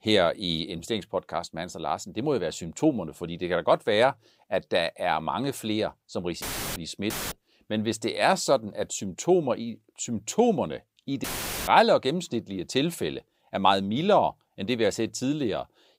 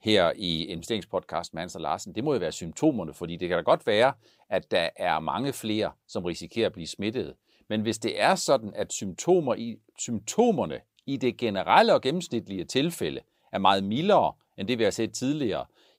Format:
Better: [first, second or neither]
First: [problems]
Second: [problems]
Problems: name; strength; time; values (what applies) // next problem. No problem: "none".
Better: second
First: audio cutting out; filled with static; at 6.5 s, at 7 s and at 11 s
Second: none